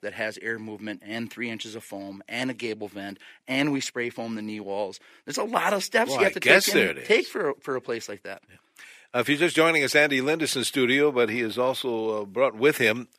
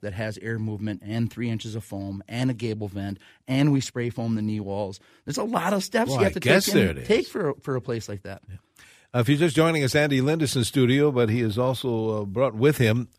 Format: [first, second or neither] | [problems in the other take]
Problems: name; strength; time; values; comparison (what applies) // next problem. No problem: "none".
second | thin; somewhat; fading below 350 Hz